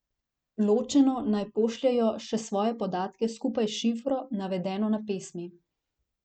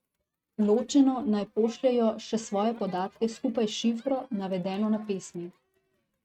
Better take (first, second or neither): first